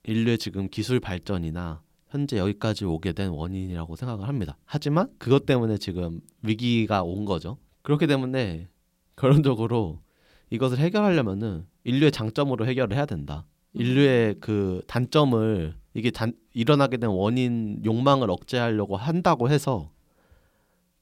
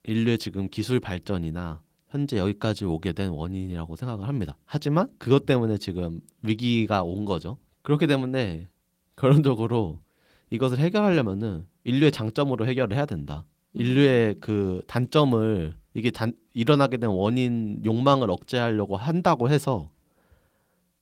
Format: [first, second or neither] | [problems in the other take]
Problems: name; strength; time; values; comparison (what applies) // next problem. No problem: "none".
first | garbled, watery; slightly; nothing above 16 kHz